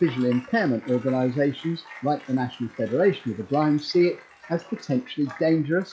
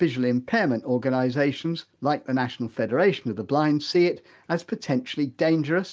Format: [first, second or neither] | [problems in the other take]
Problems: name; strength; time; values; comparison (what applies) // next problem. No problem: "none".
second | noise reduction (classical method log-MMSE)